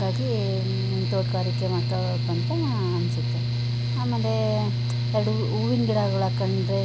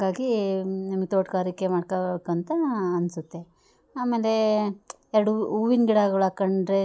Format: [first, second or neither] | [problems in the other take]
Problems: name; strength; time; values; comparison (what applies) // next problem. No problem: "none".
second | background sound (Mechanical fan); 4 dB above the speech